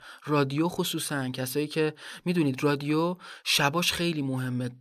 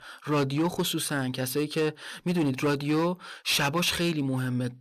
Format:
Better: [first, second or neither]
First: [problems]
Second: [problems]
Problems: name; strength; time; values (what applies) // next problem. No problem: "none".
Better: first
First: none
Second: distortion; slight; 8% of the sound clipped